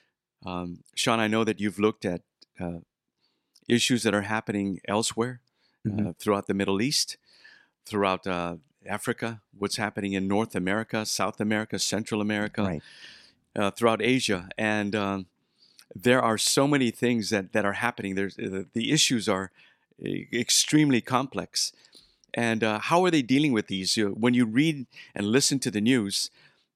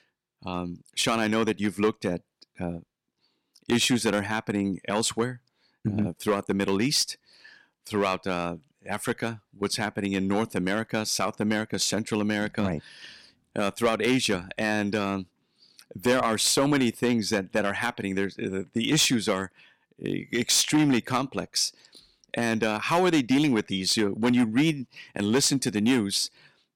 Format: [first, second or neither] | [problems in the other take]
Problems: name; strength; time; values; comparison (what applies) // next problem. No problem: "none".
first | distortion; slight; 3% of the sound clipped